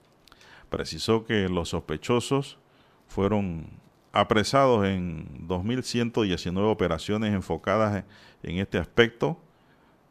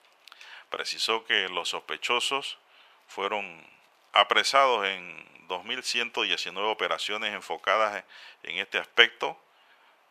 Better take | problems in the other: first | thin; very; fading below 800 Hz

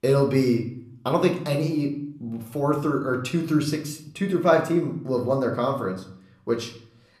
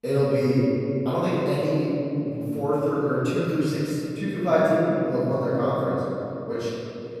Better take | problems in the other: first | room echo; strong; dies away in 3 s; slight in the first // off-mic speech; far; somewhat distant in the first

